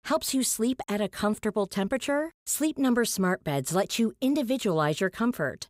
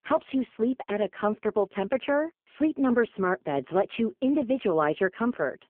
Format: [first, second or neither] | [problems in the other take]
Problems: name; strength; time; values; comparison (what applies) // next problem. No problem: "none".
first | phone-call audio; poor line